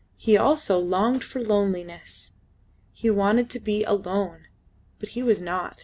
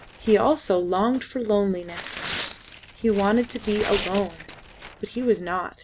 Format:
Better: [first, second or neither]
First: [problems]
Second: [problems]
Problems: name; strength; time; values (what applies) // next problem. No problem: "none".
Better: first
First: none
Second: background sound (Tearing); 13 dB below the speech